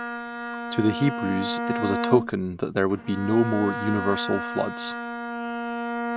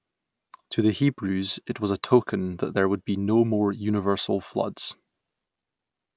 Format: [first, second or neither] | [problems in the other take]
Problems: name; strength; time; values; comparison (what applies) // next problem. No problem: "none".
second | background sound (Bowed string instrument); 4 dB below the speech